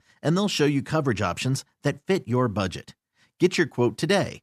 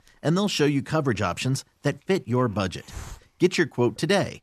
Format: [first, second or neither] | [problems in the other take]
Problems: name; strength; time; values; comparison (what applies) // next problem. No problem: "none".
first | hiss; faint; throughout; 20 dB below the speech